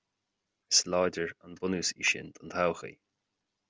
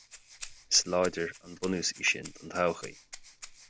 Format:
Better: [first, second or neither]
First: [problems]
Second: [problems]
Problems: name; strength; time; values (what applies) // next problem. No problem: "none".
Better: first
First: none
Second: background sound (Rattle (instrument)); 16 dB below the speech